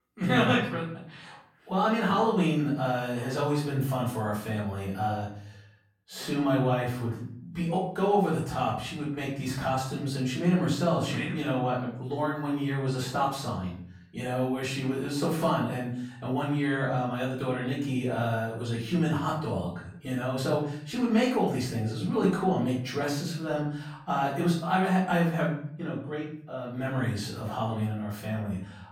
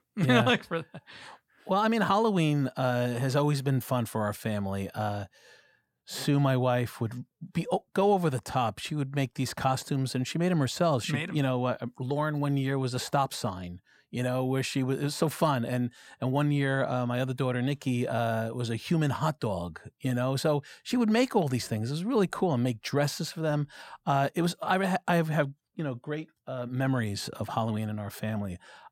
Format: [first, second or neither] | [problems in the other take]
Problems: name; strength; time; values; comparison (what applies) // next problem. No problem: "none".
second | off-mic speech; far // room echo; noticeable; dies away in 0.5 s